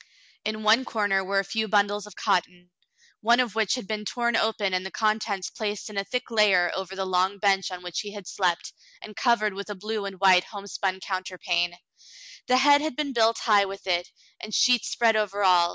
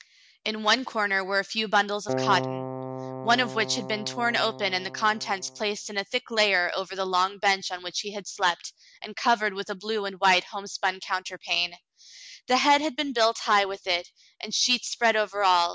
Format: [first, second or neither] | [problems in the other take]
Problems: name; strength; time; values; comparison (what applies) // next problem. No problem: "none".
first | background sound (Keyboard (musical)); 8 dB below the speech